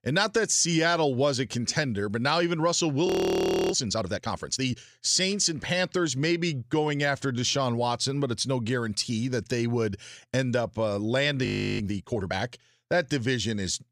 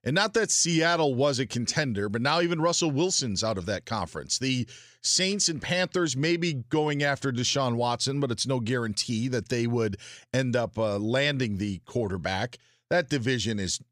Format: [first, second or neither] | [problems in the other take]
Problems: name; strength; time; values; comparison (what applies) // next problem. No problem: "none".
second | audio freezing; at 3 s for 0.5 s and at 11 s